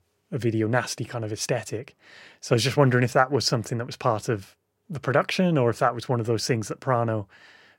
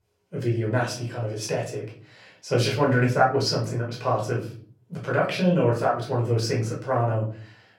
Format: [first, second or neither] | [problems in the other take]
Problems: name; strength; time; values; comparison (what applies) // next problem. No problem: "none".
first | off-mic speech; far // room echo; slight; dies away in 0.4 s